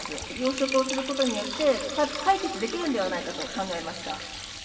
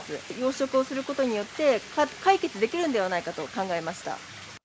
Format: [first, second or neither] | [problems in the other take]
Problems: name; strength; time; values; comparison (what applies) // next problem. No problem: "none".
second | background sound (Liquid); 8 dB below the speech // room echo; dies away in 2 s